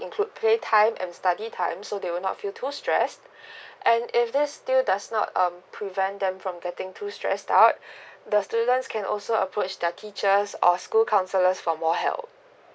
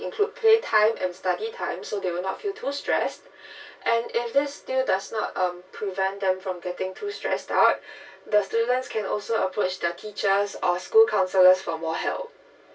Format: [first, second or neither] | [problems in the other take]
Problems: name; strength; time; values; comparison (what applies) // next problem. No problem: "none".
first | room echo; dies away in 0.2 s